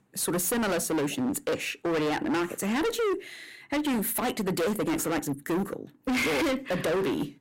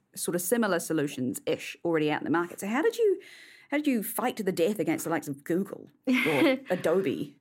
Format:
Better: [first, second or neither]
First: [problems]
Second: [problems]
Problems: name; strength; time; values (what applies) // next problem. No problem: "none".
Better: second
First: distortion; heavy; 28% of the sound clipped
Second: none